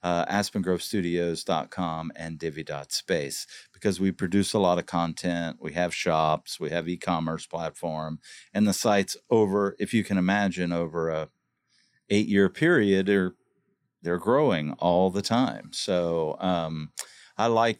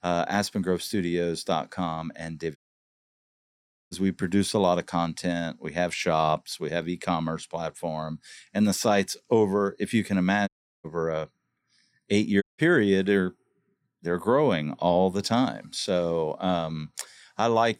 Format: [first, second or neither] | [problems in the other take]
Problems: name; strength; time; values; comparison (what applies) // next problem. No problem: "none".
first | audio cutting out; at 2.5 s for 1.5 s, at 10 s and at 12 s